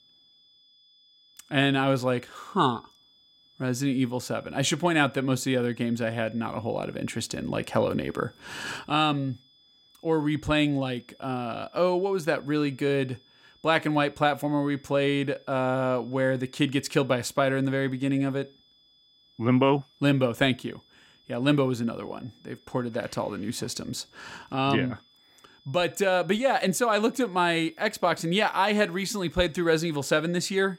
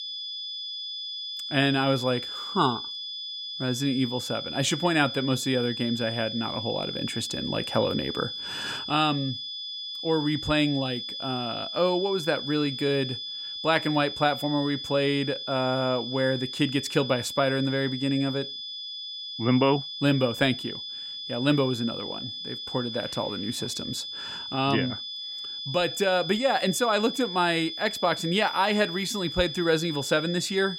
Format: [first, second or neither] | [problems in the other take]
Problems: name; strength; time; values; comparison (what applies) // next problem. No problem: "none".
first | high-pitched whine; loud; throughout; 3.5 kHz, 6 dB below the speech; faint in the first